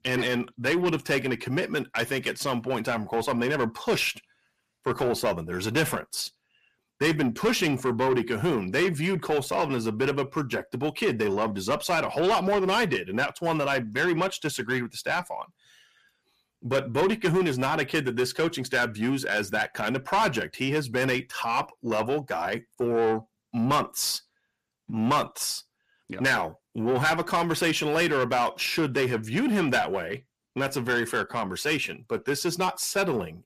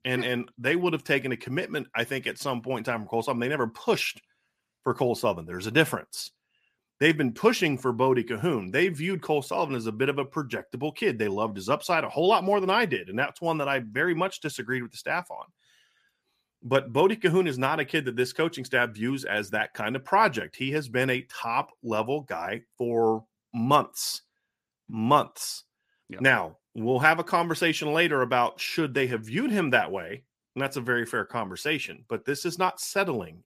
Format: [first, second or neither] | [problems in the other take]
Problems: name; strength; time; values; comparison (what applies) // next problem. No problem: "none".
second | distortion; heavy; 8 dB below the speech